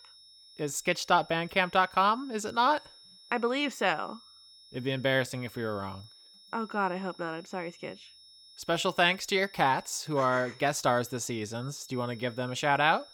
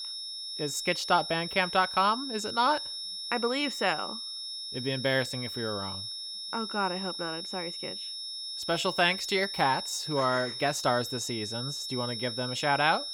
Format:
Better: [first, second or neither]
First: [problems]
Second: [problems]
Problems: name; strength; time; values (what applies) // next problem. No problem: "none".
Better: first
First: high-pitched whine; faint; throughout; 5.5 kHz, 25 dB below the speech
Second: high-pitched whine; loud; throughout; 5.5 kHz, 5 dB below the speech